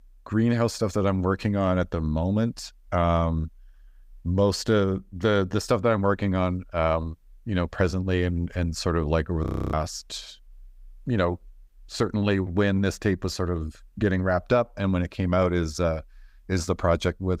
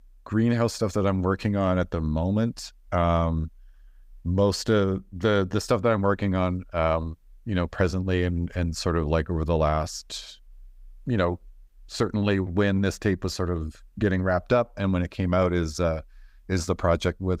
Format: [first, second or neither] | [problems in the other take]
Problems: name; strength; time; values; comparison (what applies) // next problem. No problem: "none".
second | audio freezing; at 9.5 s